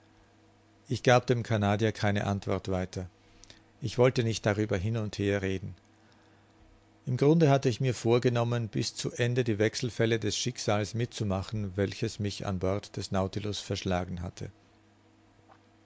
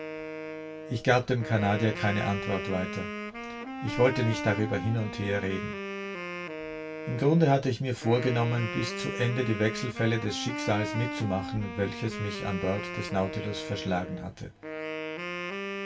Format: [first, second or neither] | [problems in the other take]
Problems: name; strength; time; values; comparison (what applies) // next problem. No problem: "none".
first | background sound (Wind instrument, woodwind instrument); 7 dB below the speech // room echo; dies away in 0.2 s